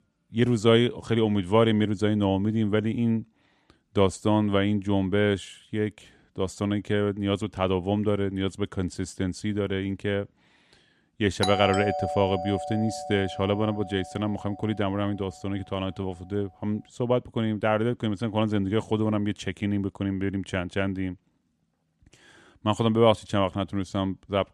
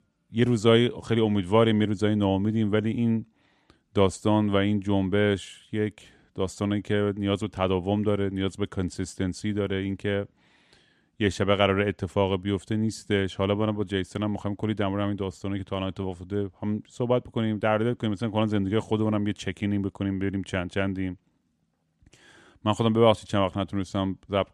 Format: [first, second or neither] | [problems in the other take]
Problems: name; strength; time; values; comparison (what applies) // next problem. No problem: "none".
second | doorbell; noticeable; from 11 to 14 s; peak 2 dB below the speech